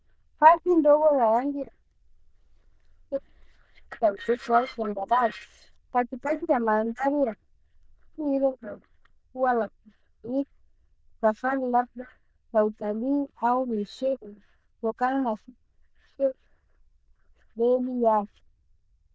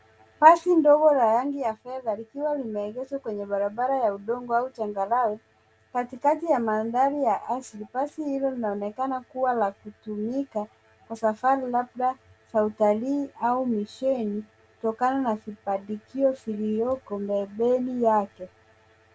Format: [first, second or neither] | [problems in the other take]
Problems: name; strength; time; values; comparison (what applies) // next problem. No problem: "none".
second | noise reduction (neural diffusion model UNIVERSE++)